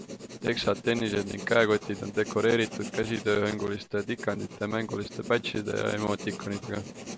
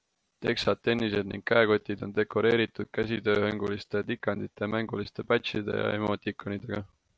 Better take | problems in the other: second | background sound (Writing); 12 dB below the speech

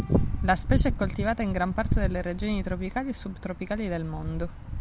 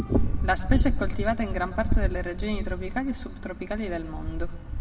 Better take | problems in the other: first | room echo; dies away in 1.1 s

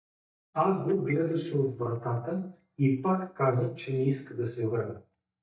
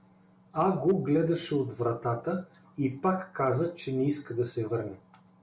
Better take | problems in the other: second | noise reduction (neural mask model DeepFilterNet 3)

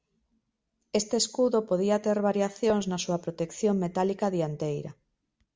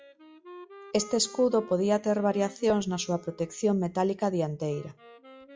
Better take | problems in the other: first | noise reduction (classical method log-MMSE)

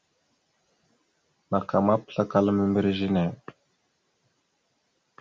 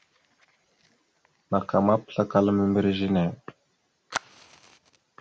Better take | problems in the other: first | background sound (Fire); 19 dB below the speech

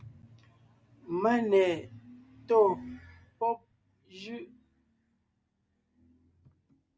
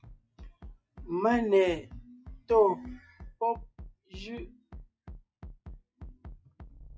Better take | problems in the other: first | noise reduction (classical method log-MMSE)

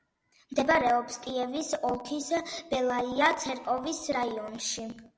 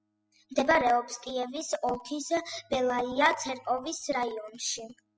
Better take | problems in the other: first | noise reduction (classical method spectral subtraction)

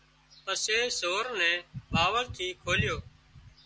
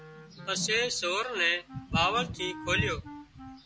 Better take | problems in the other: first | background sound (Whoosh, swoosh, swish + Wind instrument, woodwind instrument); 13 dB below the speech

